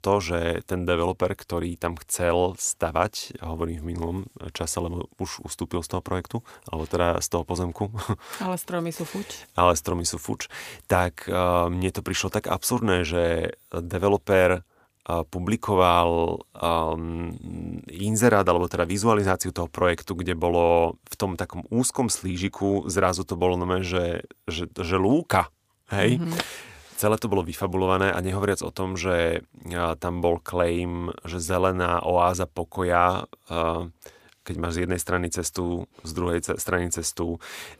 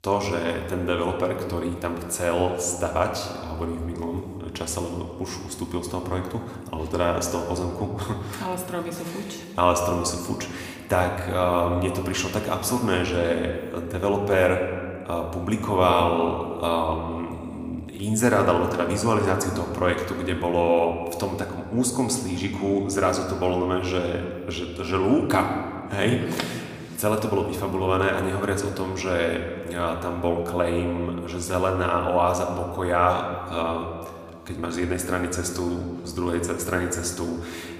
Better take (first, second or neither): first